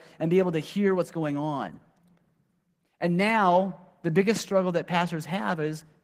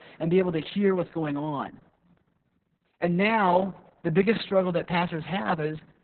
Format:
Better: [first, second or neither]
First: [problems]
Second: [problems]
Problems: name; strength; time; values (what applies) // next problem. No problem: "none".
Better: first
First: garbled, watery; slightly; nothing above 15.5 kHz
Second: garbled, watery; badly; nothing above 4 kHz